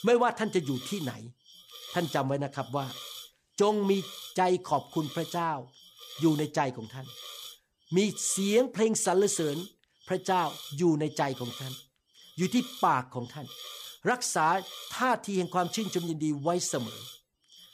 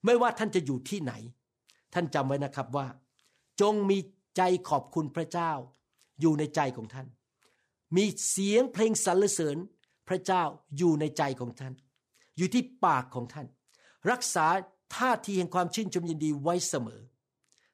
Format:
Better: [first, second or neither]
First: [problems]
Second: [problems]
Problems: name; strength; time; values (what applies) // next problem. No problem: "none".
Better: second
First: hiss; noticeable; throughout; 15 dB below the speech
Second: none